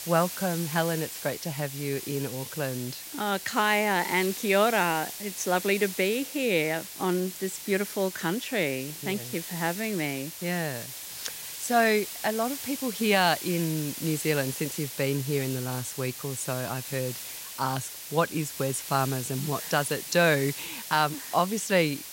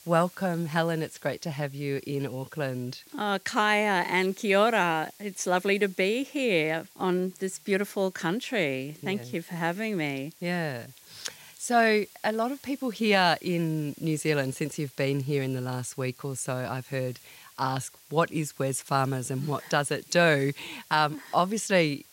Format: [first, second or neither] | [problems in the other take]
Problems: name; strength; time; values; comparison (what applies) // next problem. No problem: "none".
second | hiss; loud; throughout; 8 dB below the speech; faint in the second